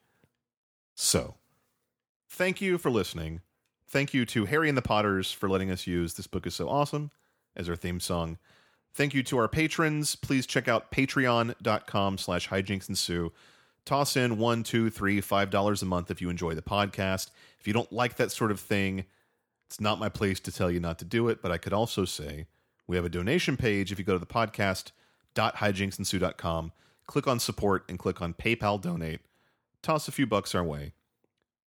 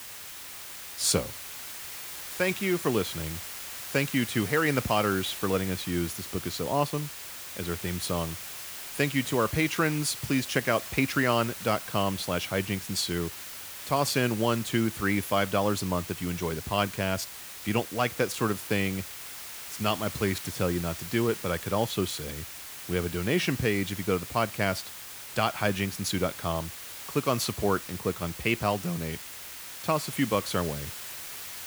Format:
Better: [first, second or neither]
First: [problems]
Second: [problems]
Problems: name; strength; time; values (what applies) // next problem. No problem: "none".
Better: first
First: none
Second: hiss; loud; throughout; 9 dB below the speech